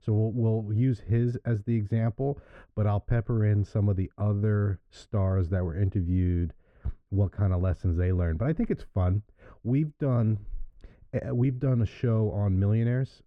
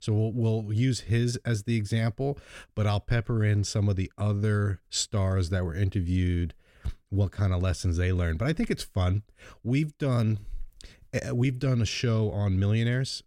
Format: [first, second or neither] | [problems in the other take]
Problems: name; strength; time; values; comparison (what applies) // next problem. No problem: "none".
second | muffled; very; fading above 2.5 kHz